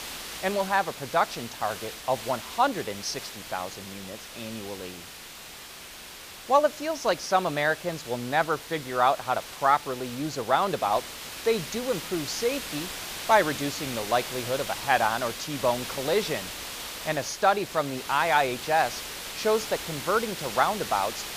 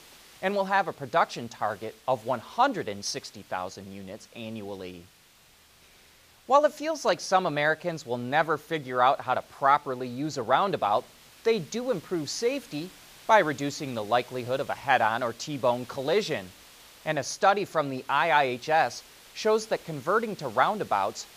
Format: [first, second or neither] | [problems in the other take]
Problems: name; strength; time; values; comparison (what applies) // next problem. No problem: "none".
second | hiss; loud; throughout; 9 dB below the speech; faint in the second